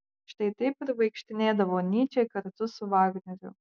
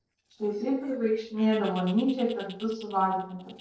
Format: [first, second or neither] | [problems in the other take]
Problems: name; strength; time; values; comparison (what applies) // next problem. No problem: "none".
first | noise reduction (neural separator model SepFormer DNS4)